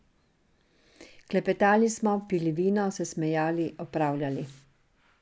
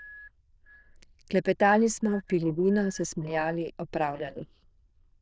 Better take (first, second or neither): first